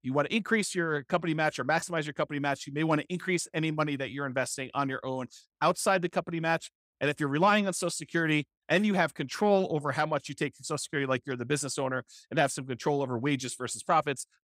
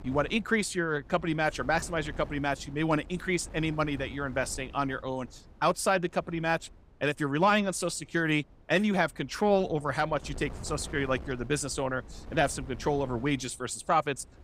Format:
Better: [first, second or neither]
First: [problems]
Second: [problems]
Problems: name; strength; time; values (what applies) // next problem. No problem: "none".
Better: first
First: none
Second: wind noise on the microphone; occasional gusts; 25 dB below the speech